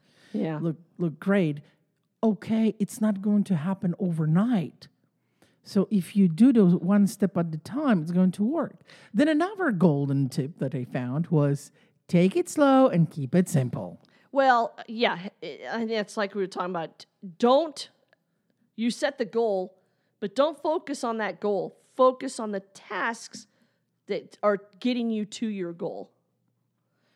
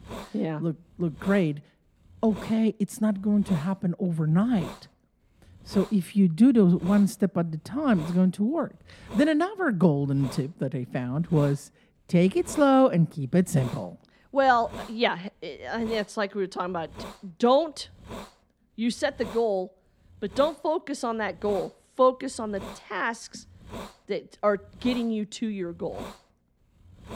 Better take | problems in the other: first | hiss; noticeable; throughout; 20 dB below the speech

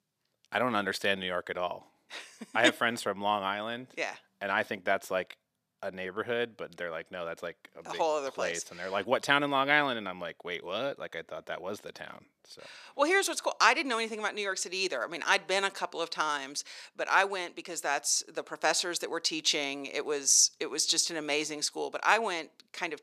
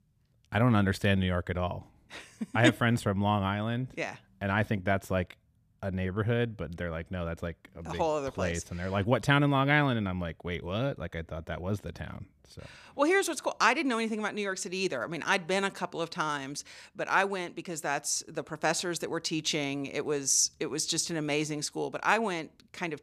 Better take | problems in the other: second | thin; somewhat; fading below 400 Hz

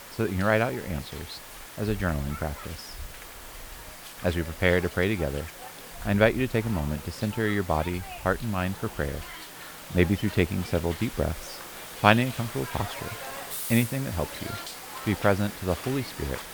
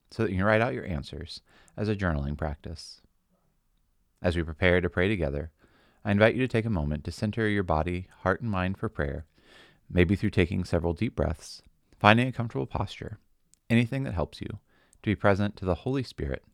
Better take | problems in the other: second | hiss; noticeable; throughout; 10 dB below the speech

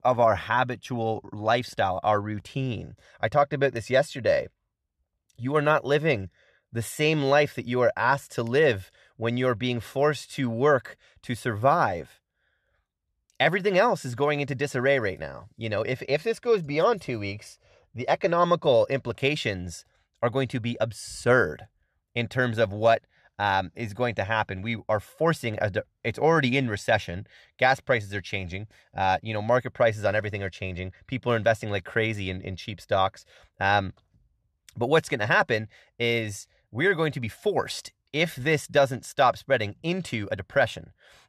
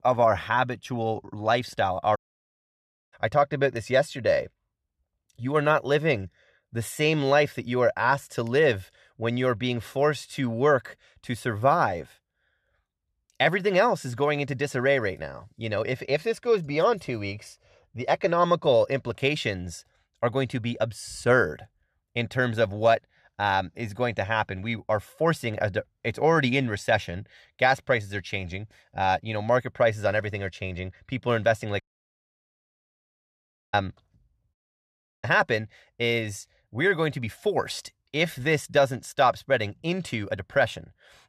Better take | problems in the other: first | audio cutting out; at 2 s for 1 s, at 32 s for 2 s and at 35 s for 0.5 s

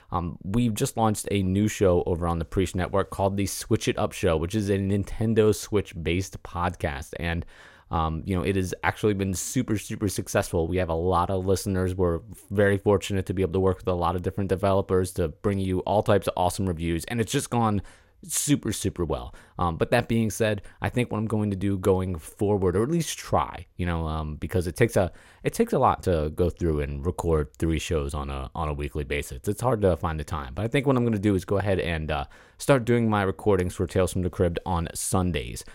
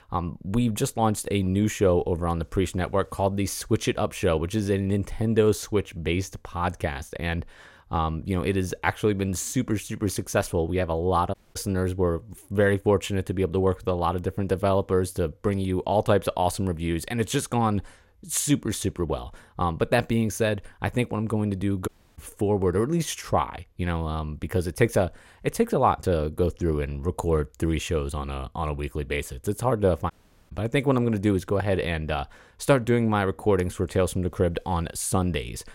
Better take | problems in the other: first | audio cutting out; at 11 s, at 22 s and at 30 s

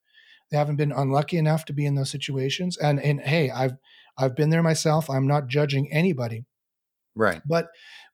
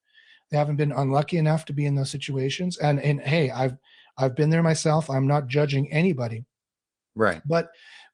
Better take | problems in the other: first | garbled, watery; slightly; nothing above 10 kHz

